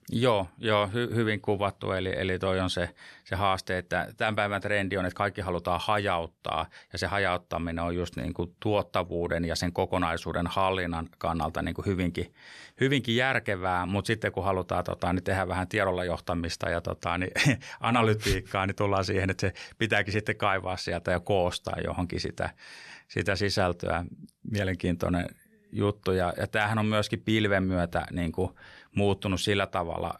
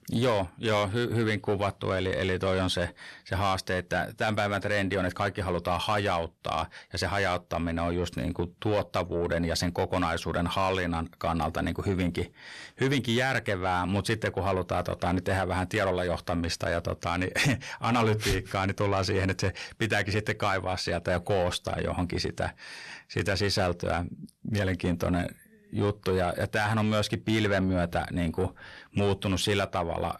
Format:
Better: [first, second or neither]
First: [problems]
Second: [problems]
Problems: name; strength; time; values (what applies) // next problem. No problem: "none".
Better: first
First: none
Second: distortion; slight; 10 dB below the speech